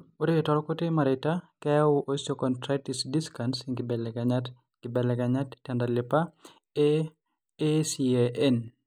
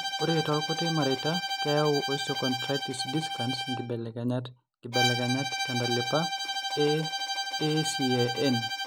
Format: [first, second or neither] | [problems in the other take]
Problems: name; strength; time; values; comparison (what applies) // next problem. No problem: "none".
first | background sound (Bowed string instrument); 2 dB below the speech